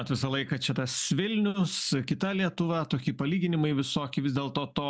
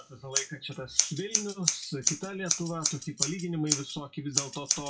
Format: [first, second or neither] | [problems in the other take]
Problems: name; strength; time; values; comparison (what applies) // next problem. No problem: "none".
first | noise reduction (classical method WPE with log-MMSE)